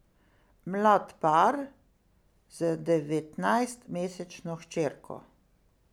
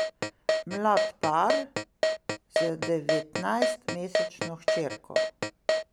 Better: first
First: none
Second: background sound (Keyboard (musical)); 2 dB above the speech

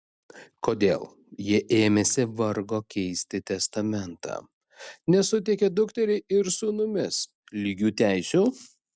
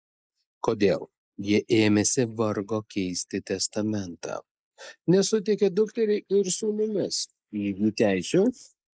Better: first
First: none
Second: noise reduction (neural mask model Resemble Enhance denoiser)

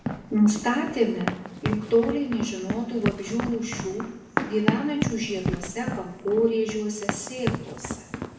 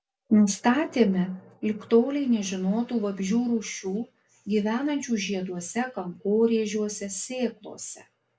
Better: second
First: background sound (Run); 5 dB below the speech // room echo; dies away in 0.9 s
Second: none

